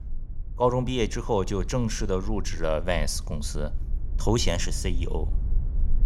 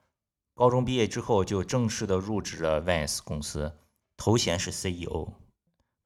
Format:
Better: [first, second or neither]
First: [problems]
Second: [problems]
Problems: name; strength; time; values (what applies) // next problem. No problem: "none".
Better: second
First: low rumble; faint; throughout; 25 dB below the speech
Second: none